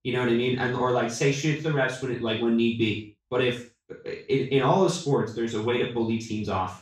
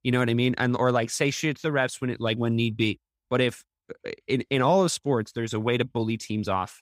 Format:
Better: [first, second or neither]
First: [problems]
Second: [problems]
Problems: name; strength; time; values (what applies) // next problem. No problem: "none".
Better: second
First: room echo; noticeable; dies away in 0.4 s // off-mic speech; far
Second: none